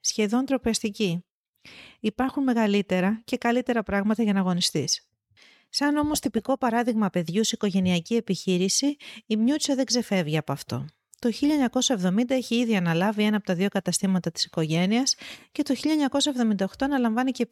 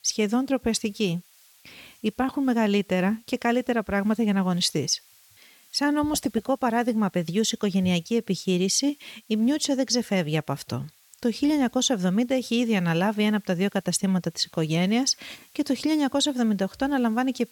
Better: first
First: none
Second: hiss; faint; throughout; 30 dB below the speech

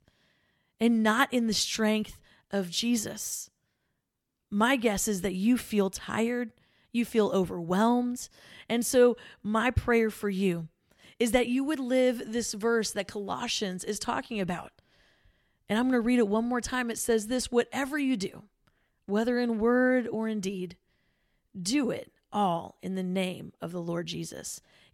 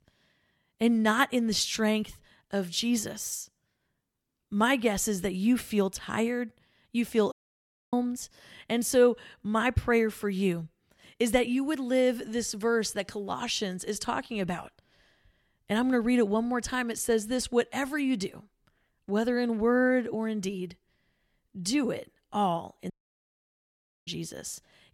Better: first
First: none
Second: audio cutting out; at 7.5 s for 0.5 s and at 23 s for 1 s

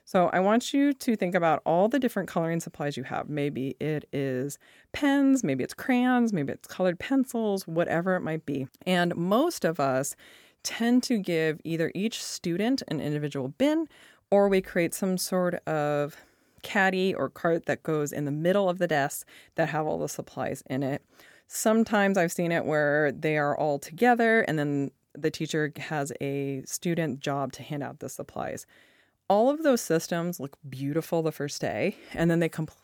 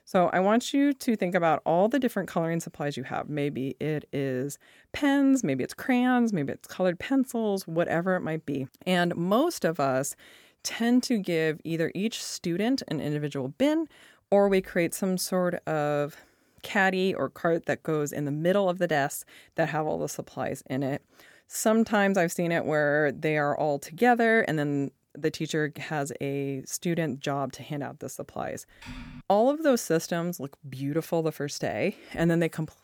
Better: first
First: none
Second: keyboard typing; faint; at 29 s; peak 15 dB below the speech

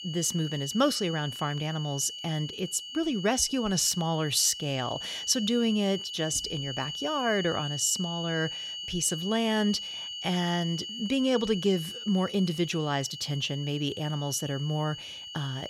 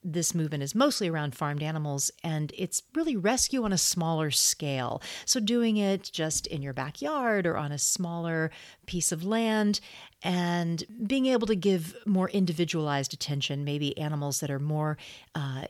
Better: second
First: high-pitched whine; loud; throughout; 3 kHz, 8 dB below the speech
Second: none

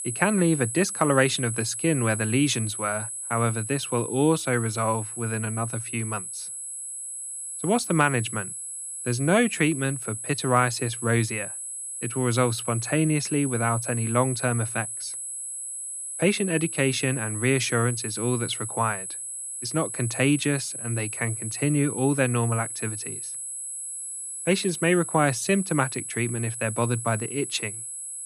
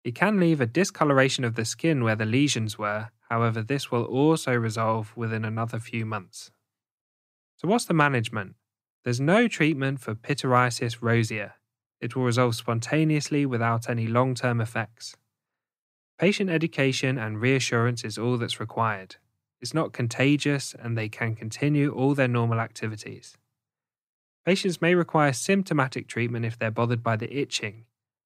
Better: second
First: high-pitched whine; loud; throughout; 10.5 kHz, 6 dB below the speech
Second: none

